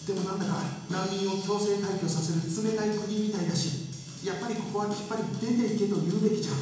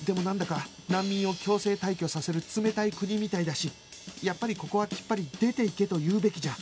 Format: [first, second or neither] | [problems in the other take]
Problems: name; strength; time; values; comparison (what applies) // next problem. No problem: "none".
second | room echo; dies away in 1 s